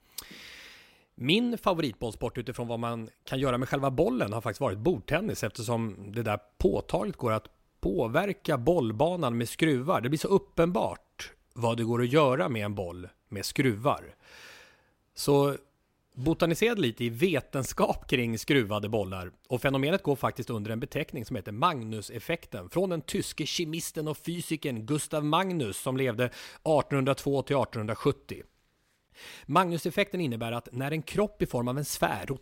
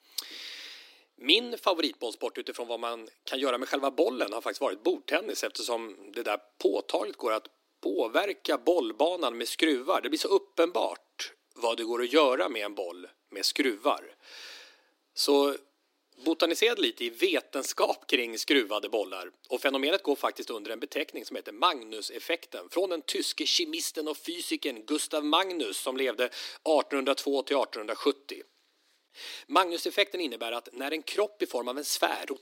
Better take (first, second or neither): first